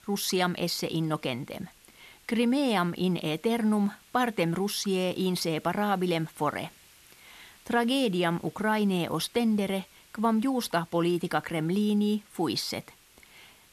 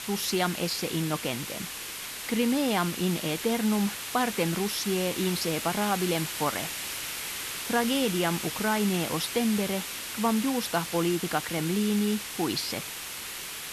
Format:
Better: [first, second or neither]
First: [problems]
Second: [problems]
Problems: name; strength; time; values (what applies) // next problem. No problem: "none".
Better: first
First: hiss; faint; throughout; 25 dB below the speech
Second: hiss; loud; throughout; 5 dB below the speech